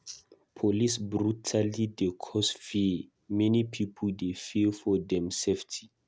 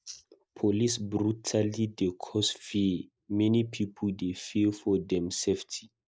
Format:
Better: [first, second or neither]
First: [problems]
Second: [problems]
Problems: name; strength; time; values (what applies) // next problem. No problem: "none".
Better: first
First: none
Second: noise reduction (neural mask model Resemble Enhance denoiser)